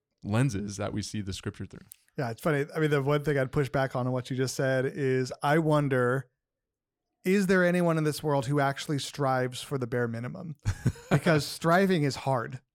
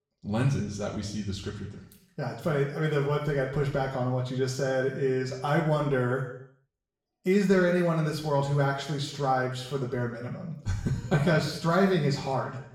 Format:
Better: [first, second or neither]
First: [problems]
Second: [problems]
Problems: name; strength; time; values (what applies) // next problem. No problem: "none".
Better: first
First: none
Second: room echo; noticeable; dies away in 0.6 s // off-mic speech; far